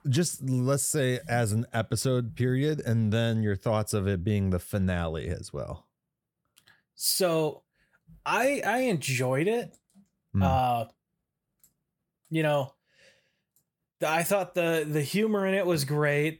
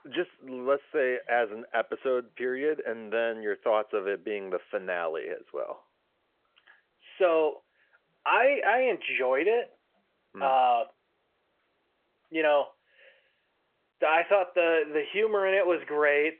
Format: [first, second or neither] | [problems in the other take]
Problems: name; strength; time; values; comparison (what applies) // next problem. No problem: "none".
first | phone-call audio